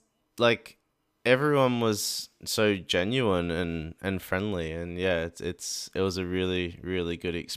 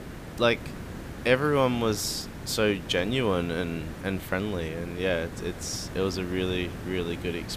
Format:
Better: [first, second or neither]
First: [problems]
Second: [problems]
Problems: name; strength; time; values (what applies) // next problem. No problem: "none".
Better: first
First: none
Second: hiss; noticeable; throughout; 10 dB below the speech